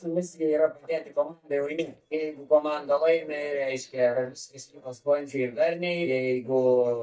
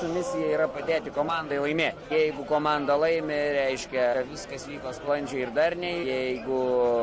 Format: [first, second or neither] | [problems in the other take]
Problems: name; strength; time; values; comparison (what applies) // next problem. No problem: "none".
second | noise reduction (neural mask model DeepFilterNet 3)